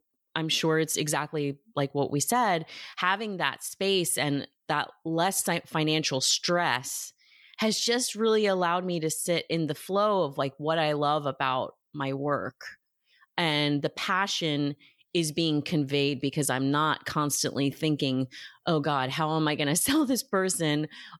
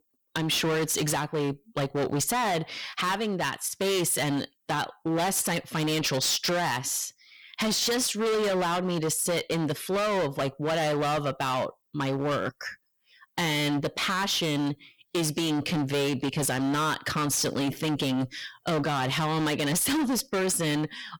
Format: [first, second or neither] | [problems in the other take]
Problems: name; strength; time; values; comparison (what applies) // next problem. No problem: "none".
first | distortion; heavy; 25% of the sound clipped